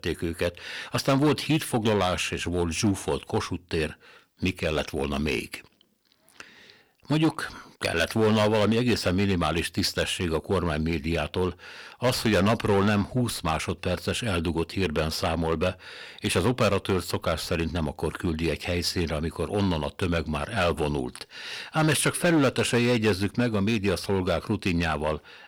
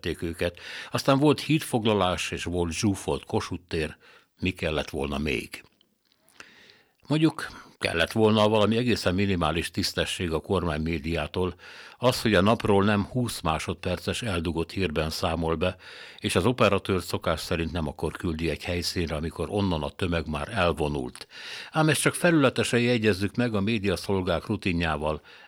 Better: second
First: distortion; slight; 4% of the sound clipped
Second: none

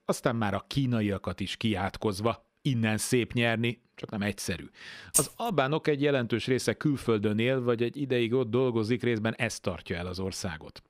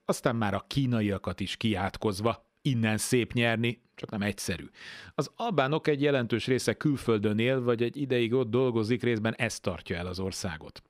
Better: second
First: jangling keys; loud; at 5 s; peak 3 dB above the speech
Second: none

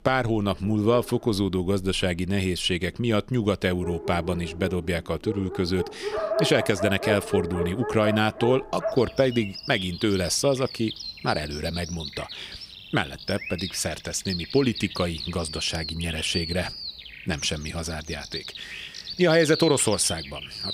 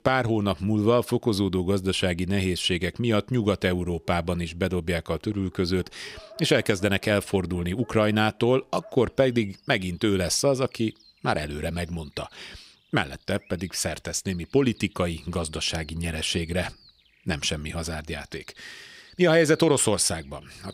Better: second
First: animal sounds; loud; throughout; 8 dB below the speech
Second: animal sounds; faint; throughout; 30 dB below the speech

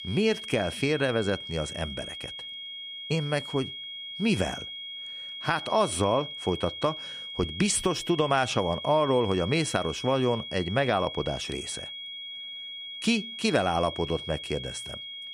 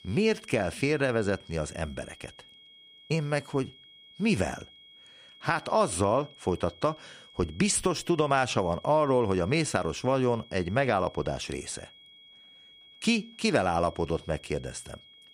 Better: second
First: high-pitched whine; loud; throughout; 3.5 kHz, 8 dB below the speech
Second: high-pitched whine; faint; throughout; 3.5 kHz, 25 dB below the speech

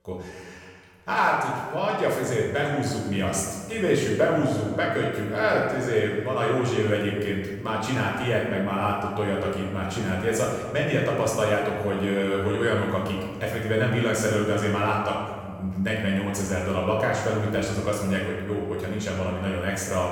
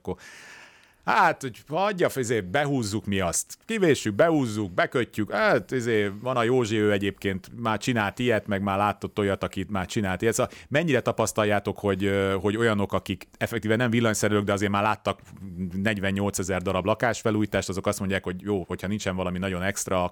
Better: second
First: off-mic speech; far // room echo; noticeable; dies away in 1.4 s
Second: none

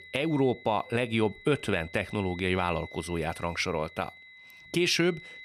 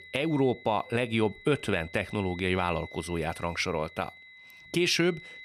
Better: neither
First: high-pitched whine; noticeable; throughout; 2 kHz, 20 dB below the speech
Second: high-pitched whine; noticeable; throughout; 2 kHz, 20 dB below the speech

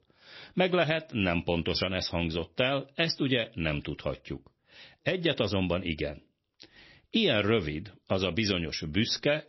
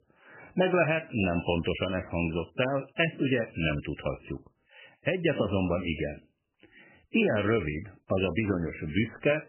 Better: first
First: garbled, watery; slightly; nothing above 5.5 kHz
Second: garbled, watery; badly; nothing above 3 kHz

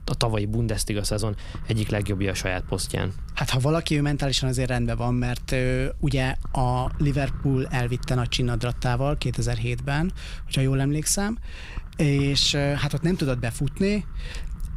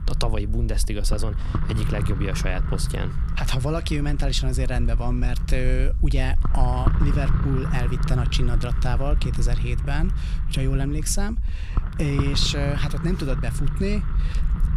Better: first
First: low rumble; faint; throughout; 20 dB below the speech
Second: low rumble; loud; throughout; 8 dB below the speech

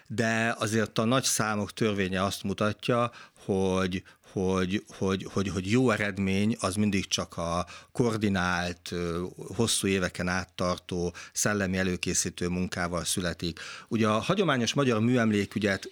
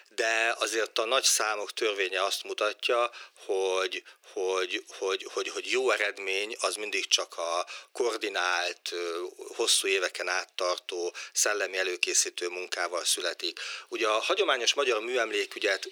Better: first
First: none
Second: thin; very; fading below 350 Hz

